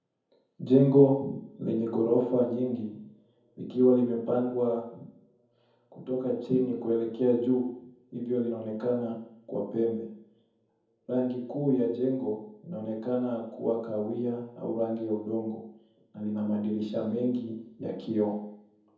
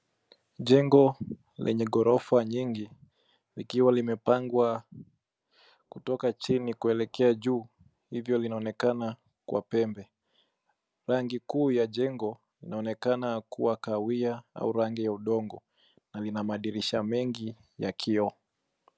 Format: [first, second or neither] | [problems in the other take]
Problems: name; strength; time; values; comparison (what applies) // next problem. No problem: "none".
second | room echo; dies away in 0.7 s